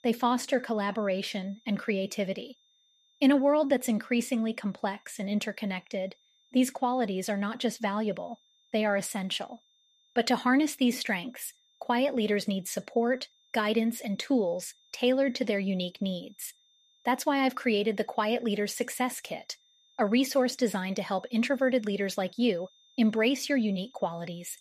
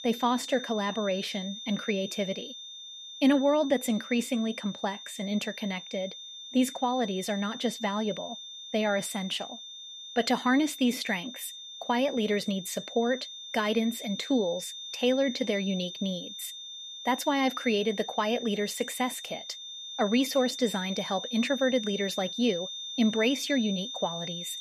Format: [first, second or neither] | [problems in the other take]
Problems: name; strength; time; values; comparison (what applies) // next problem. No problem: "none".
first | high-pitched whine; loud; throughout; 3.5 kHz, 9 dB below the speech; faint in the first